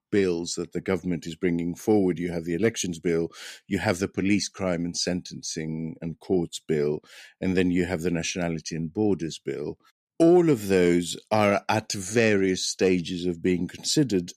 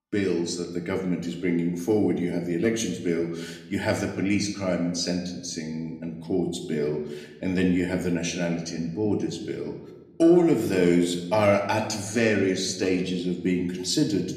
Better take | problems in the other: first | room echo; slight; dies away in 0.9 s // off-mic speech; somewhat distant

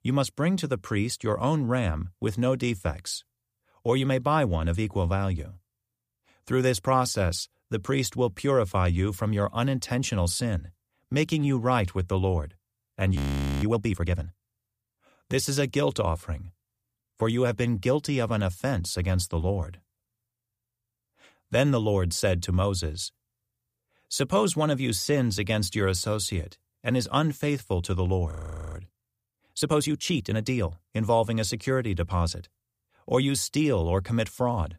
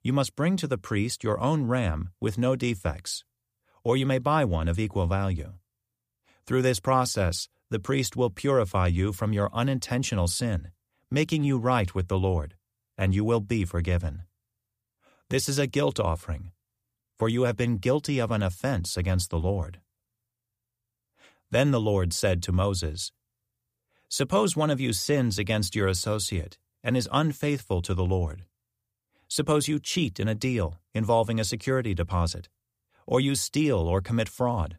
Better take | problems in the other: second | audio freezing; at 13 s and at 28 s

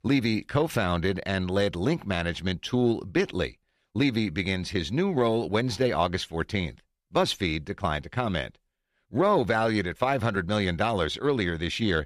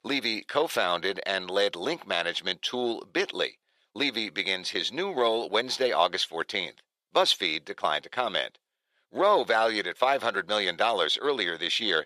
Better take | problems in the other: first | thin; very; fading below 550 Hz

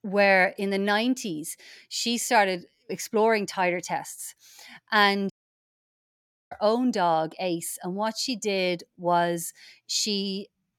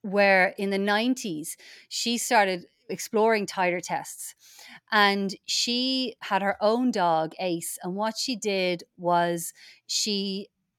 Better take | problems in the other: second | audio cutting out; at 5.5 s for 1 s

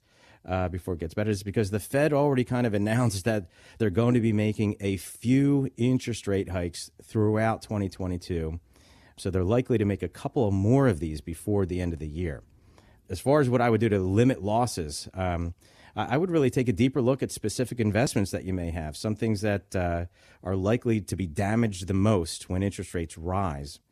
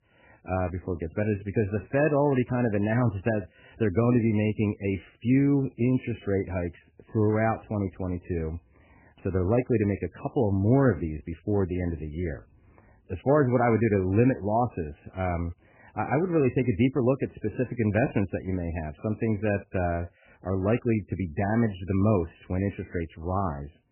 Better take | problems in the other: first | garbled, watery; badly; nothing above 3 kHz

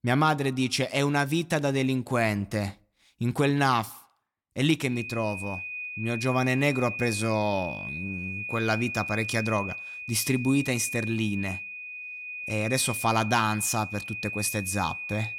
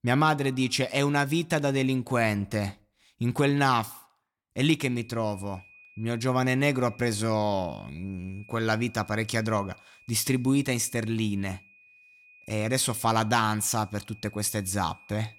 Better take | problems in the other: second | high-pitched whine; loud; from 5 s on; 2.5 kHz, 7 dB below the speech; faint in the second

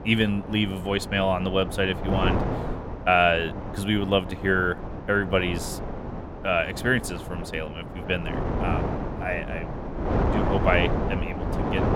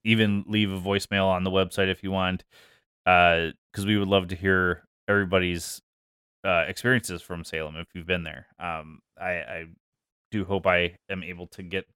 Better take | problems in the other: second | wind noise on the microphone; heavy; 8 dB below the speech

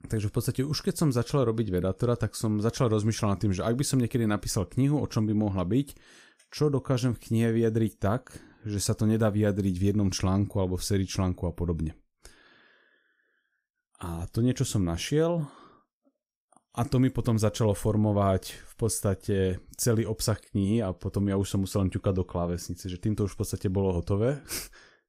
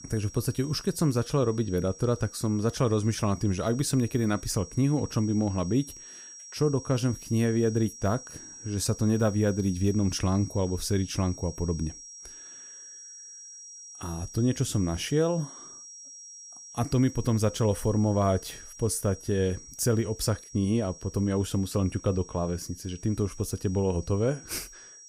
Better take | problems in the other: first | high-pitched whine; noticeable; throughout; 5.5 kHz, 15 dB below the speech

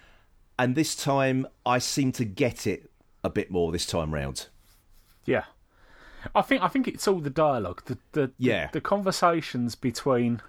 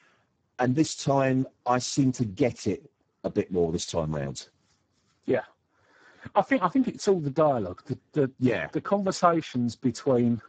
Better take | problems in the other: first | garbled, watery; badly; nothing above 7.5 kHz

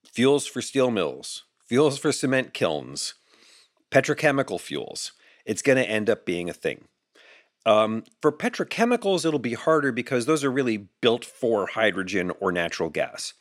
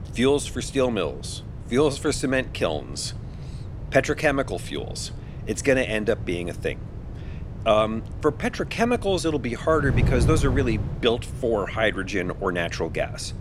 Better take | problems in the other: first | wind noise on the microphone; occasional gusts; 15 dB below the speech

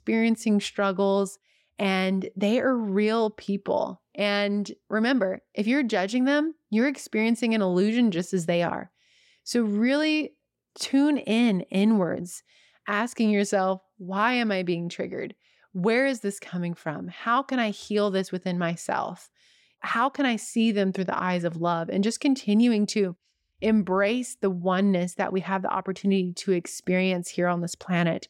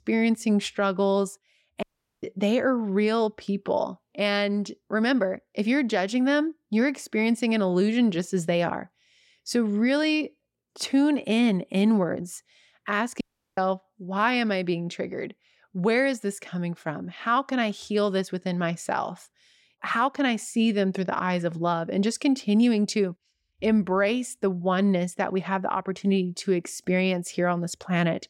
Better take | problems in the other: first | audio cutting out; at 2 s and at 13 s

